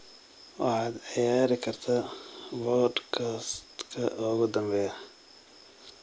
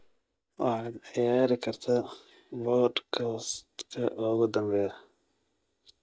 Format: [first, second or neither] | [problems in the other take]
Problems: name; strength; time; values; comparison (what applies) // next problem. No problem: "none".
first | noise reduction (neural mask model DeepFilterNet 3)